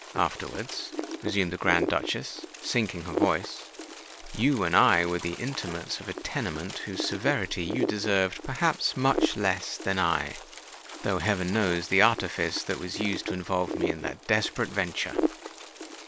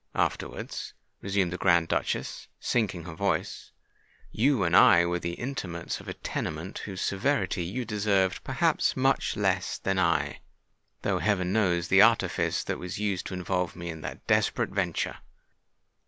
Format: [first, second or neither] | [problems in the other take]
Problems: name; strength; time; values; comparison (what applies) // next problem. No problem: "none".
second | background sound (Wind); 7 dB below the speech